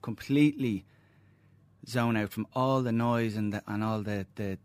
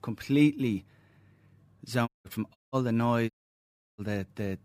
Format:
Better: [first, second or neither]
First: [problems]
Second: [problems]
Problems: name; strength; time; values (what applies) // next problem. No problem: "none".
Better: first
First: none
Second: audio cutting out; at 2 s, at 2.5 s and at 3.5 s for 0.5 s